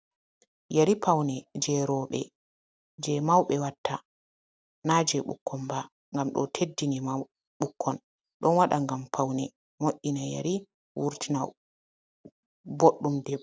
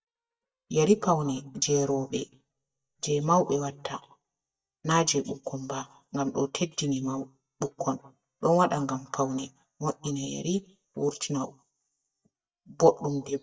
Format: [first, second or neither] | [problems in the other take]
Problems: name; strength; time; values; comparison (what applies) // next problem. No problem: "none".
first | noise reduction (neural mask model DeepFilterNet 3)